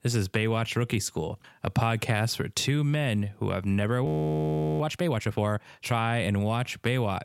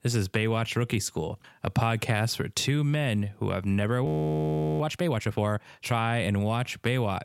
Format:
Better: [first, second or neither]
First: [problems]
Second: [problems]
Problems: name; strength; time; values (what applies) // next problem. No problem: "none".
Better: neither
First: audio freezing; at 4 s for 0.5 s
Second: audio freezing; at 4 s for 0.5 s